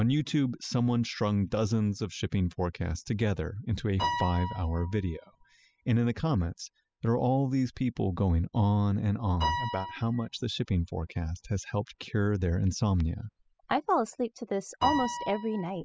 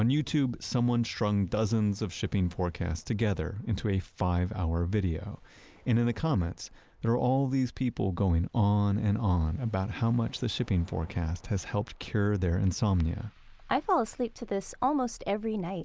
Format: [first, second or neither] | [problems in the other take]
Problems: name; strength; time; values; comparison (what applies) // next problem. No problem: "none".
second | noise reduction (classical method spectral subtraction)